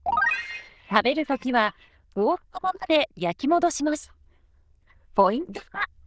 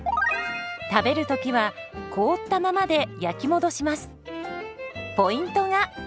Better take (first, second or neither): second